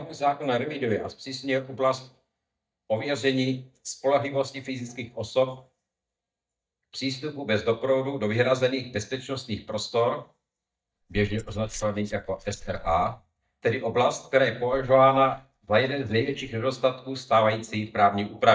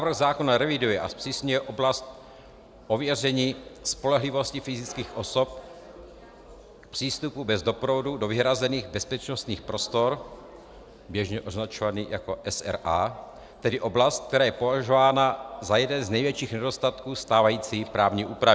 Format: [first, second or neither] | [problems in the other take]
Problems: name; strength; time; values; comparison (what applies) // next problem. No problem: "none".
second | noise reduction (neural mask model DeepFilterNet 3)